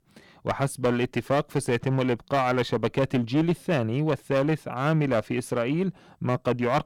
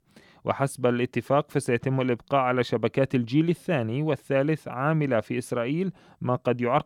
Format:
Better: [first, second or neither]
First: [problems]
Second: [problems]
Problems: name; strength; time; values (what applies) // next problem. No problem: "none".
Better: second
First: distortion; slight; 8% of the sound clipped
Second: none